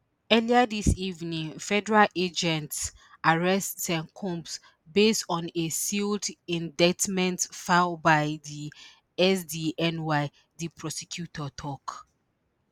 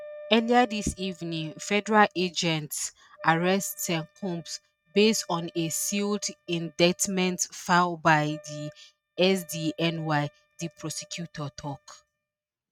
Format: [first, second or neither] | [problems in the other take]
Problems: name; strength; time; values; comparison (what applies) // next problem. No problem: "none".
first | noise reduction (neural mask model RNNoise)